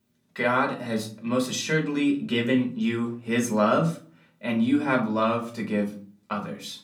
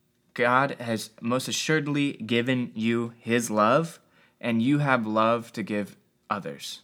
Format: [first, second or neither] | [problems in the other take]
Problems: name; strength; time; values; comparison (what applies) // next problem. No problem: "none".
second | off-mic speech; somewhat distant // room echo; very slight; dies away in 0.3 s